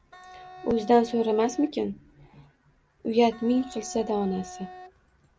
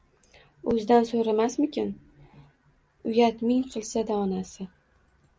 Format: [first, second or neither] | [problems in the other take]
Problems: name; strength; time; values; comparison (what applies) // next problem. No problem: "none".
second | background sound (Wind instrument, woodwind instrument); 17 dB below the speech